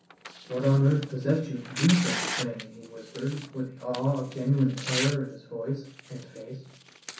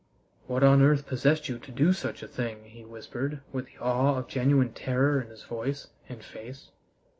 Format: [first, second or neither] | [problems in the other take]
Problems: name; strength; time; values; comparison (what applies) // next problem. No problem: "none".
second | background sound (Tearing); 10 dB below the speech // room echo; dies away in 0.6 s